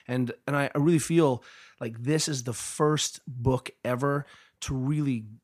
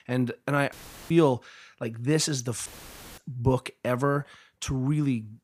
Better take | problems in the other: first | audio cutting out; filled with static; at 0.5 s and at 2.5 s for 0.5 s

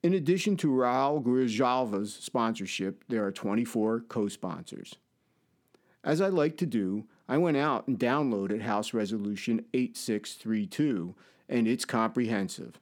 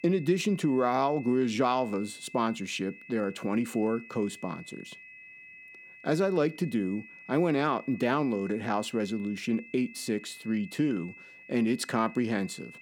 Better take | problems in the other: first | high-pitched whine; noticeable; throughout; 2.5 kHz, 20 dB below the speech

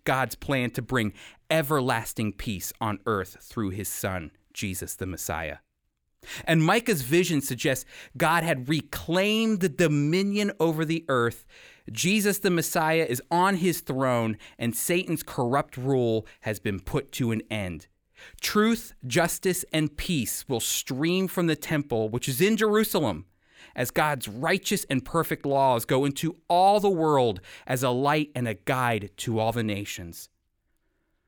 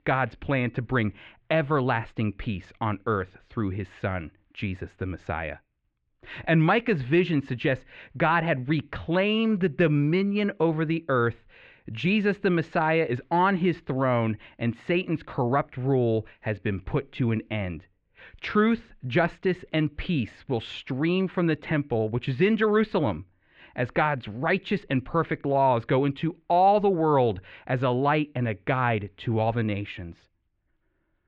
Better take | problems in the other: first | muffled; very; fading above 3 kHz

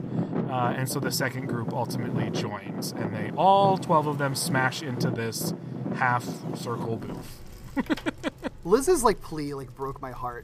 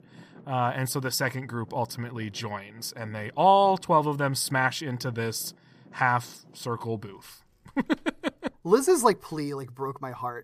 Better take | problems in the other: second | traffic noise; loud; throughout; 6 dB below the speech; faint in the second

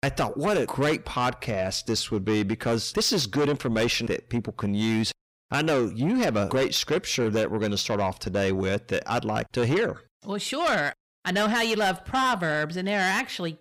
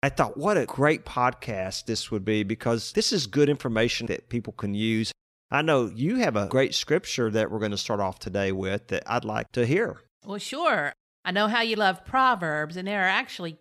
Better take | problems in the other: second | distortion; heavy; 8 dB below the speech

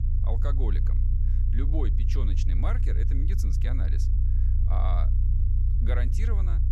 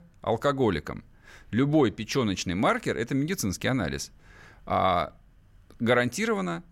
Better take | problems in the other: second | low rumble; loud; throughout; 4 dB below the speech

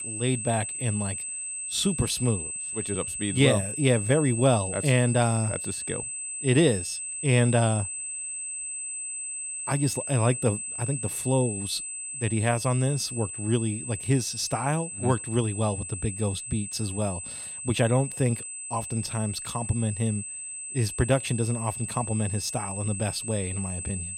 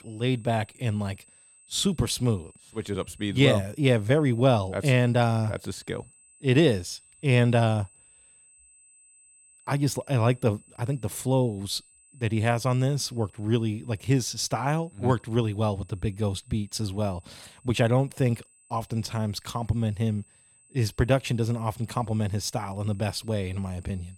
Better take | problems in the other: second | high-pitched whine; loud; throughout; 8 kHz, 5 dB below the speech; faint in the second

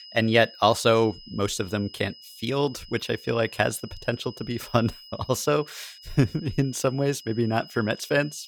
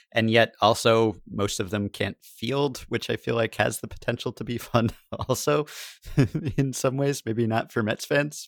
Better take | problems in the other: second | high-pitched whine; noticeable; throughout; 5 kHz, 20 dB below the speech

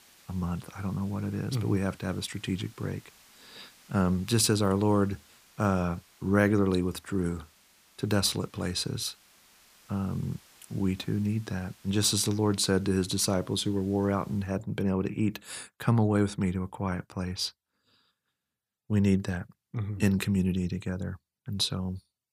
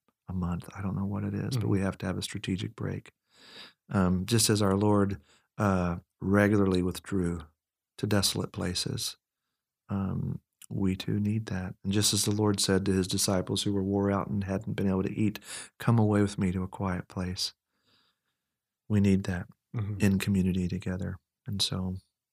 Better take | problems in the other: second | hiss; faint; until 15 s; 25 dB below the speech

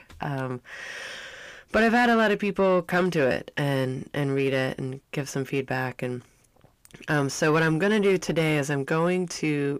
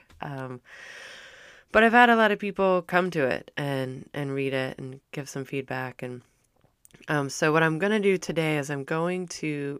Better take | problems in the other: second | distortion; heavy; 7 dB below the speech

